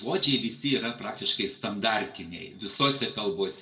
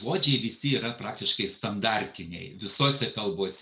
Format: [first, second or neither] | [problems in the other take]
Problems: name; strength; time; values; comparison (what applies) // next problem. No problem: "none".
second | room echo; dies away in 0.3 s